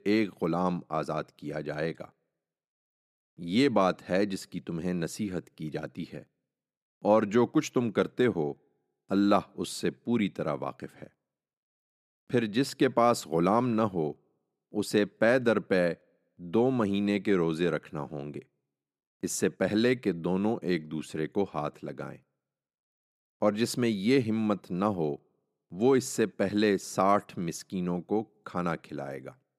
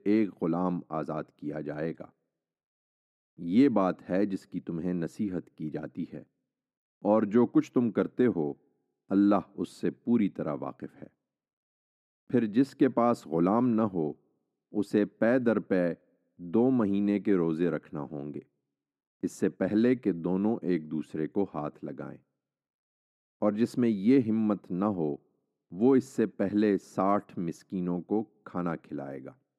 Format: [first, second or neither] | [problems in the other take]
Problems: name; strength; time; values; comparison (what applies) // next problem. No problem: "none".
first | muffled; slightly; fading above 2.5 kHz